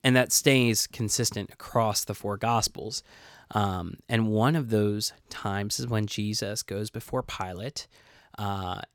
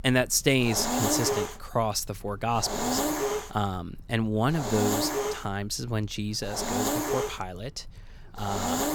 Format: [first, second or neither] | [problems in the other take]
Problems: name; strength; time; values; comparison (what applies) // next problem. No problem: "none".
first | hiss; loud; throughout; 1 dB below the speech